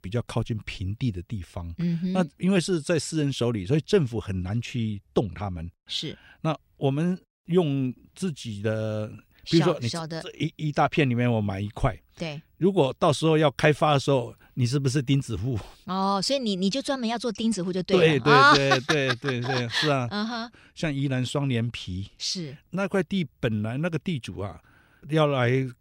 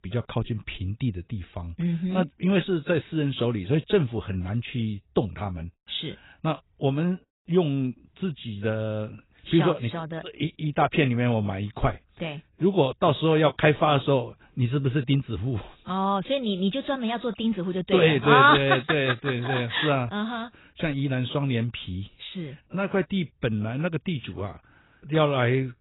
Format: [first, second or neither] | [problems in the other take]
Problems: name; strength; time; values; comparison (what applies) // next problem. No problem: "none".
first | garbled, watery; badly; nothing above 4 kHz